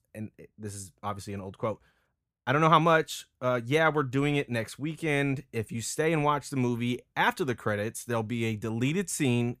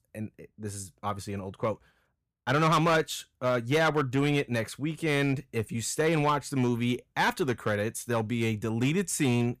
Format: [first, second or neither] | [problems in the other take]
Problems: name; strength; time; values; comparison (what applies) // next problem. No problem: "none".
first | distortion; slight; 5% of the sound clipped